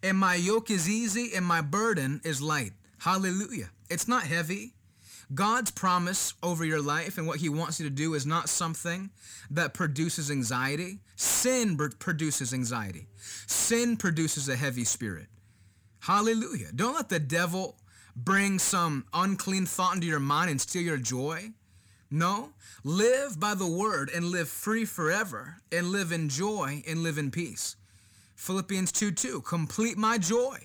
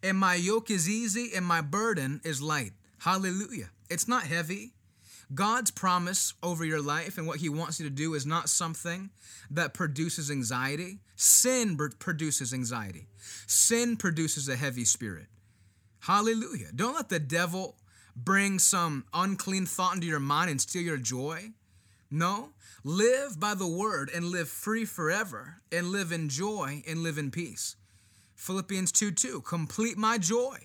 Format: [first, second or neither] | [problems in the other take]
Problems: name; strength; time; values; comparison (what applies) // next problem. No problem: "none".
second | distortion; slight; 10 dB below the speech